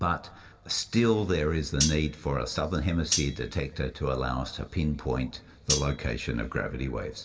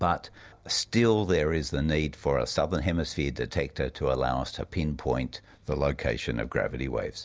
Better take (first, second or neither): second